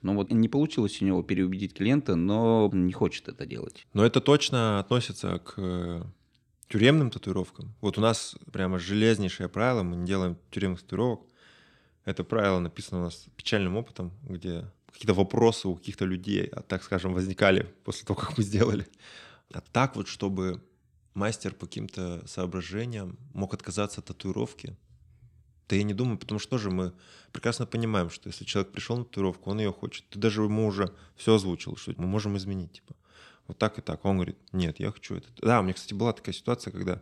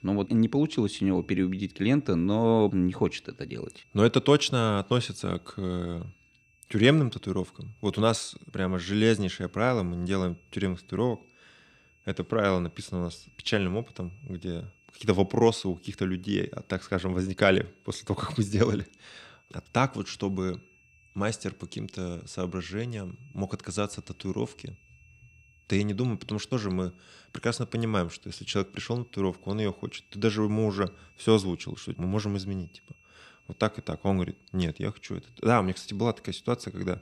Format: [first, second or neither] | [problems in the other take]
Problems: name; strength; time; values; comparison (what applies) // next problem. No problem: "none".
first | high-pitched whine; faint; throughout; 2.5 kHz, 30 dB below the speech